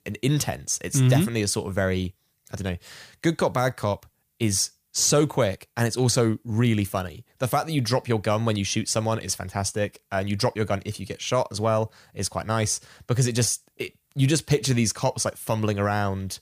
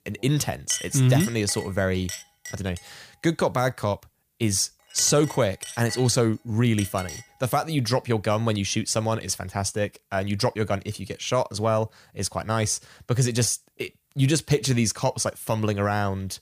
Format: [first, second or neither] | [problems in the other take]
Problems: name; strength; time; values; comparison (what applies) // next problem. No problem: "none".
first | clattering dishes; noticeable; from 0.5 to 7 s; peak 7 dB below the speech